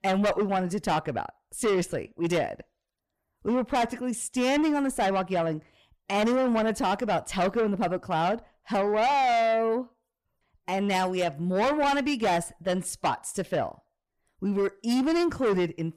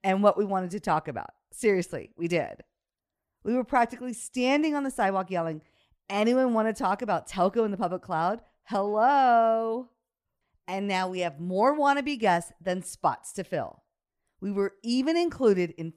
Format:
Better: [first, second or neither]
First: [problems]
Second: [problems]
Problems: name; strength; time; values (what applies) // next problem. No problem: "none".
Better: second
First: distortion; heavy; 7 dB below the speech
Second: none